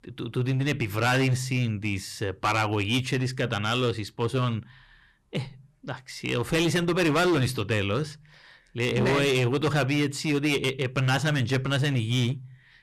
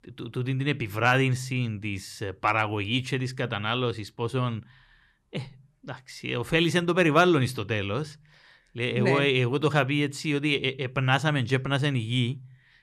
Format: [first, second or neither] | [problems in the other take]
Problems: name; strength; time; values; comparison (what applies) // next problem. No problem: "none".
second | distortion; heavy; 11% of the sound clipped